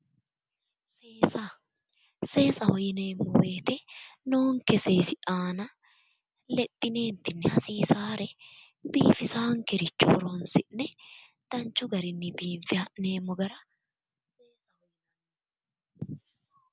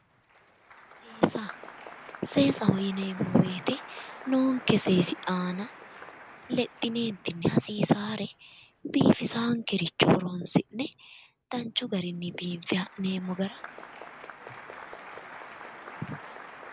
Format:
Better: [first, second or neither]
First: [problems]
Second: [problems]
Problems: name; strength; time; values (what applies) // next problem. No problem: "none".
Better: first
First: none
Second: background sound (Applause); 17 dB below the speech